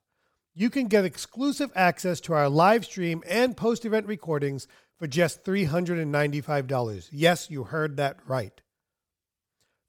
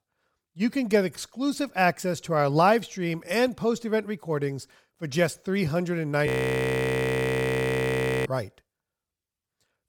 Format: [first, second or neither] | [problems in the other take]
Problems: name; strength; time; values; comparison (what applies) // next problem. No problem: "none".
first | audio freezing; at 6.5 s for 2 s